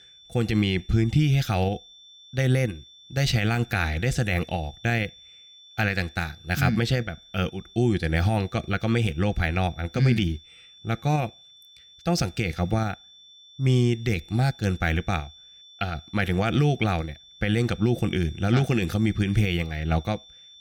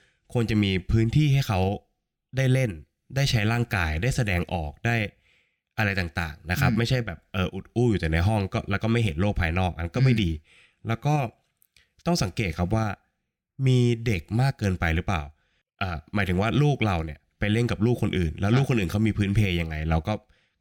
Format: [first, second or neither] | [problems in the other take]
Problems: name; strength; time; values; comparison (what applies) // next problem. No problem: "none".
second | high-pitched whine; faint; throughout; 3.5 kHz, 20 dB below the speech